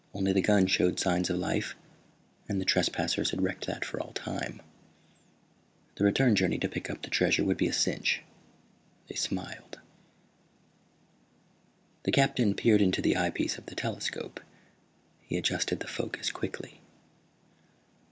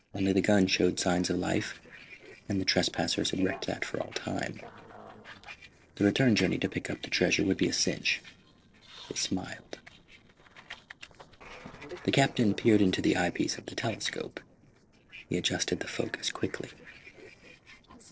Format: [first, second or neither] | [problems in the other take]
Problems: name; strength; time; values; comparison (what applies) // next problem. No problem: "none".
first | noise reduction (neural separator model SepFormer DNS4)